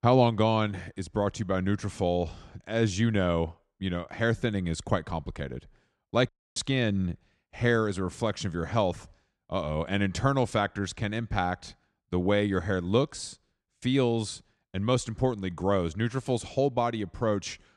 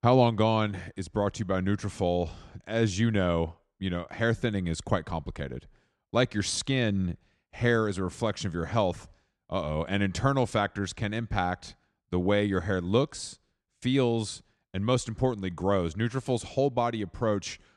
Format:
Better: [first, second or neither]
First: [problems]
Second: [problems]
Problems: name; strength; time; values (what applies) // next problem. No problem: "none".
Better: second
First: audio cutting out; at 6.5 s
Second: none